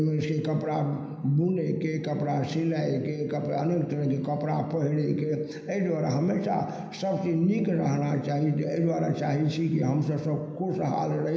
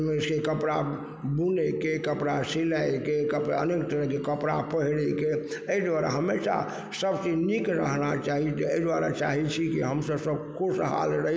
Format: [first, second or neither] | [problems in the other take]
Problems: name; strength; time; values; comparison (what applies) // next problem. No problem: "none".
second | room echo; dies away in 0.9 s